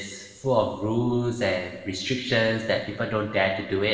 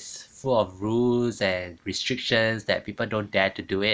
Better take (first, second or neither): second